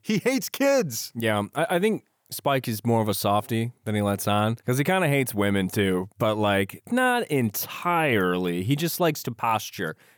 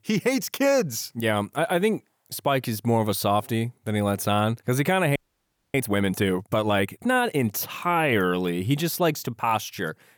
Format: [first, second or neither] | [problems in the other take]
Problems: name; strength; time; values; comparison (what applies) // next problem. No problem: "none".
first | audio freezing; at 5 s for 0.5 s